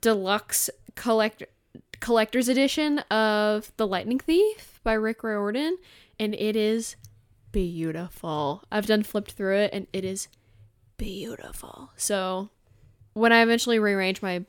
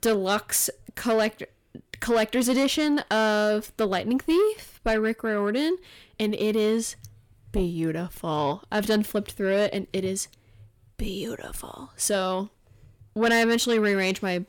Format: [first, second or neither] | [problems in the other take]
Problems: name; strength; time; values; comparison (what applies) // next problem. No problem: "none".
first | distortion; slight; 10 dB below the speech